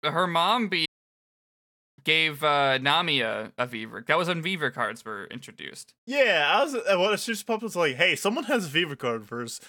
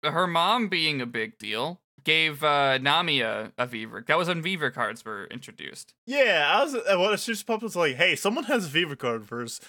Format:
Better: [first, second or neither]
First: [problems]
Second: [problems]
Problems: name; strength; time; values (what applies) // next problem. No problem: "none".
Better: second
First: audio cutting out; at 1 s for 1 s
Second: none